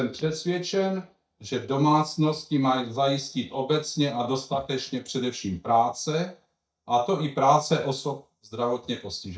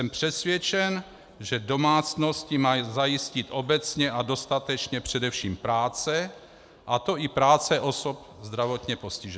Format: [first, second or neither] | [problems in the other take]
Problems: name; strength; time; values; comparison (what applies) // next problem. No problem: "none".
second | noise reduction (neural mask model DeepFilterNet 3)